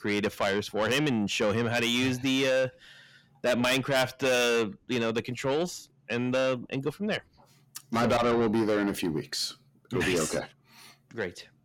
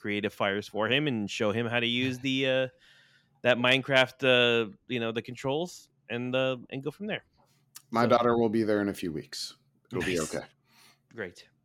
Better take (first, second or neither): second